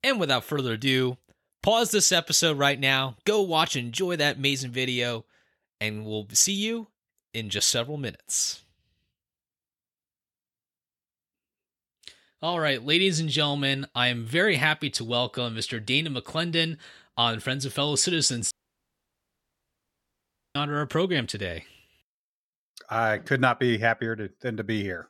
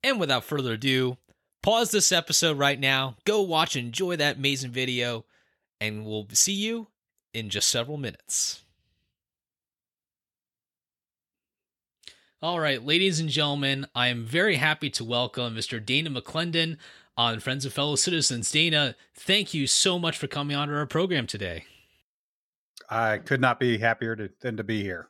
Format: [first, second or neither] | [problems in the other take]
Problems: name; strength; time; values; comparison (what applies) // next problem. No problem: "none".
second | audio cutting out; at 19 s for 2 s